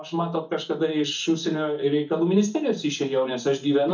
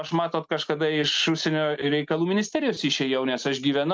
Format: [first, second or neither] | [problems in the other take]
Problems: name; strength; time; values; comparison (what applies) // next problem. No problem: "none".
second | noise reduction (neural mask model DeepFilterNet 3)